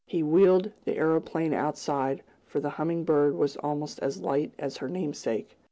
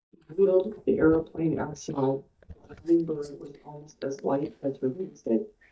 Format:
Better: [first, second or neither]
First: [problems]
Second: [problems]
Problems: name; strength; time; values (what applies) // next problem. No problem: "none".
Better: first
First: none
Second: noise reduction (neural mask model DeepFilterNet 3)